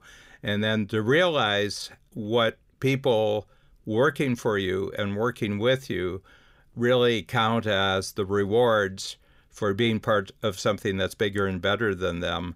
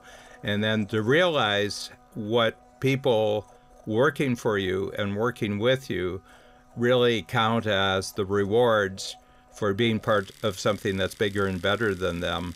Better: first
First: none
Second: household noises; faint; throughout; 25 dB below the speech

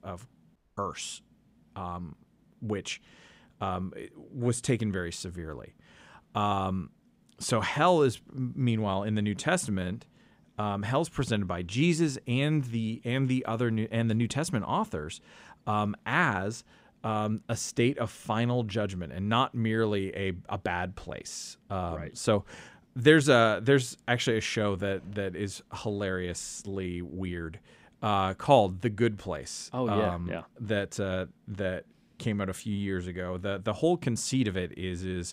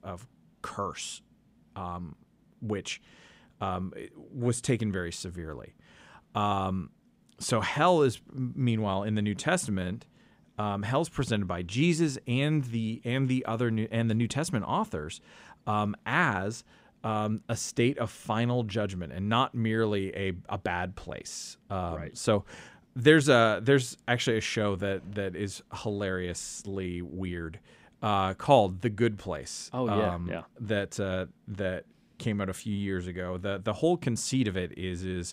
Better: second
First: audio cutting out; at 0.5 s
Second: none

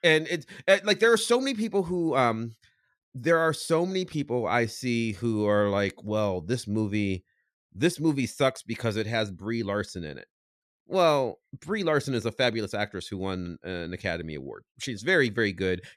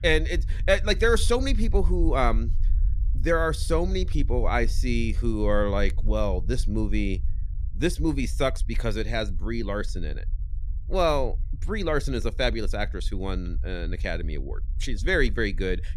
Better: first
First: none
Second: low rumble; faint; throughout; 25 dB below the speech

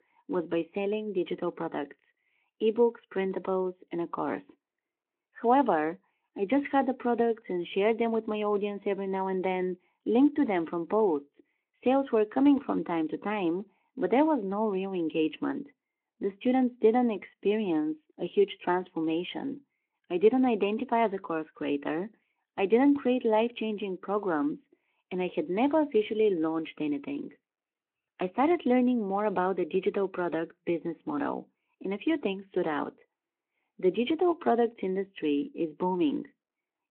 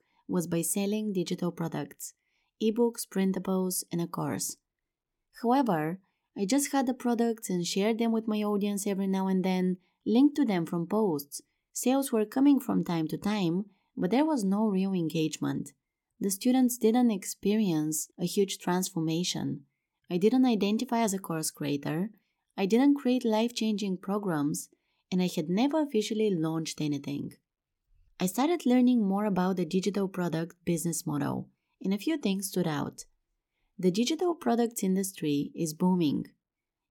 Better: second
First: phone-call audio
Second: none

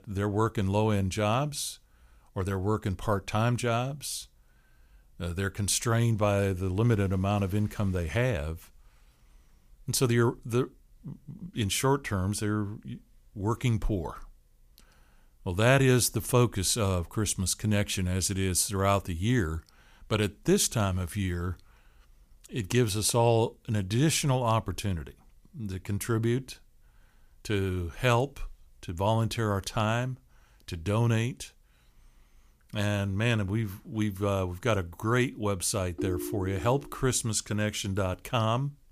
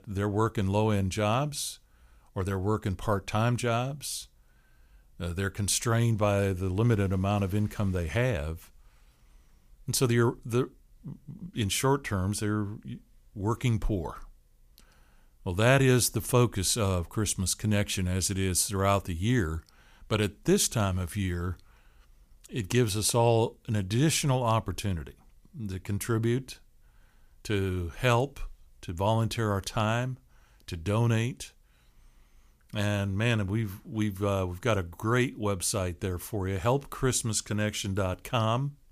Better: second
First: phone ringing; noticeable; at 36 s; peak 6 dB below the speech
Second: none

